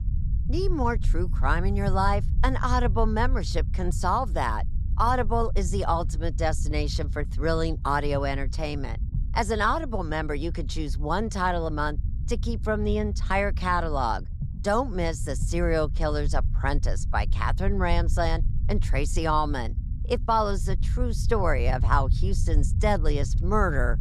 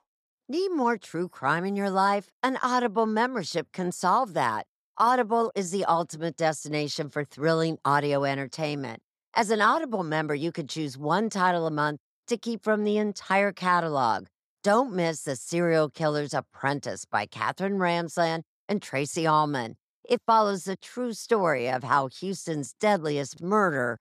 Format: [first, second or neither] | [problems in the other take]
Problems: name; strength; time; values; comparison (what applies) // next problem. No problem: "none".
second | low rumble; noticeable; throughout; 20 dB below the speech